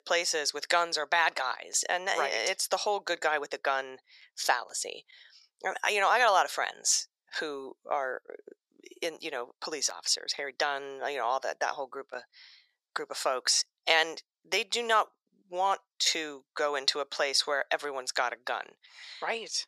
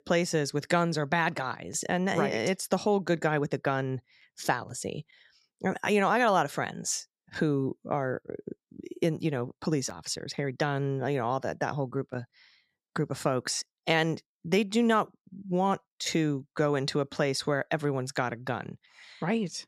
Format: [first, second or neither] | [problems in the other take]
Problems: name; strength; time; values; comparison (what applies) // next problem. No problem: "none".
second | thin; very; fading below 600 Hz